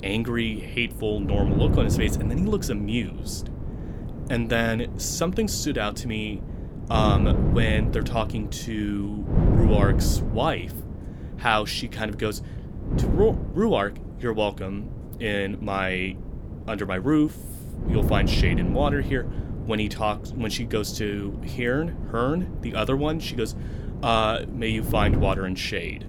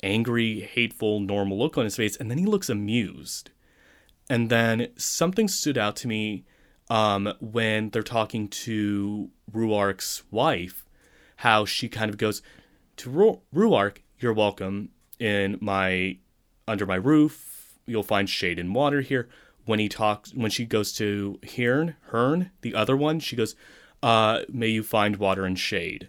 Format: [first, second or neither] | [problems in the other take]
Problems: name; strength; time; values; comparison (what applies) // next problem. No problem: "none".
second | wind noise on the microphone; occasional gusts; 10 dB below the speech